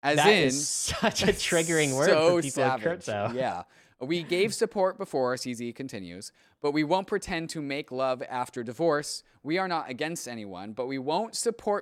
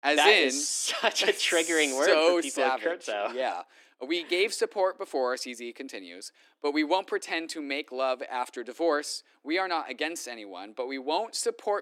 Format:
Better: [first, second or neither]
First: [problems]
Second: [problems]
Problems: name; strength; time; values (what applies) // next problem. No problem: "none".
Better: first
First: none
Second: thin; very slightly; fading below 300 Hz